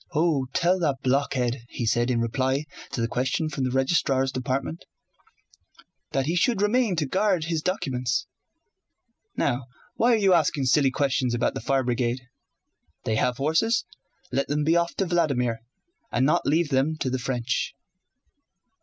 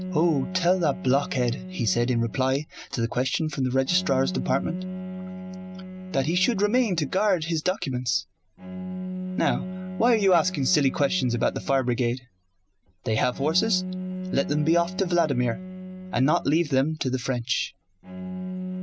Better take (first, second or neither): first